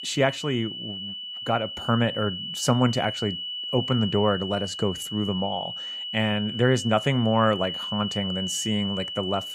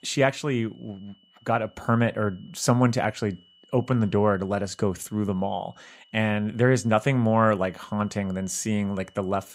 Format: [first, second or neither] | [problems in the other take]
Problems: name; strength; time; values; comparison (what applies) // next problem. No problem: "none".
second | high-pitched whine; loud; throughout; 3 kHz, 6 dB below the speech; faint in the second